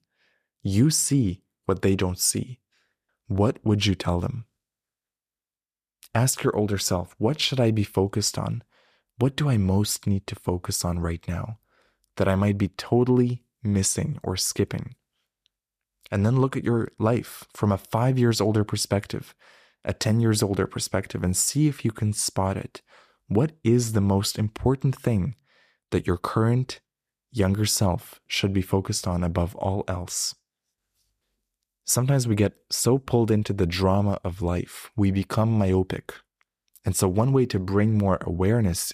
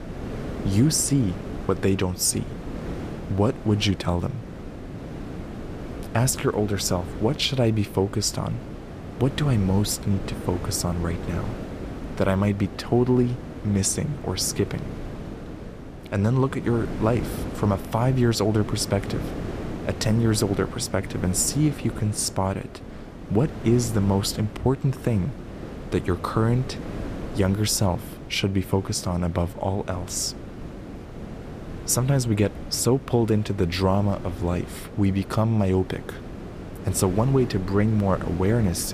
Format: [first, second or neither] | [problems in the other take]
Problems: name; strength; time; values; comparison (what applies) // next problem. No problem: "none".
first | wind noise on the microphone; occasional gusts; 10 dB below the speech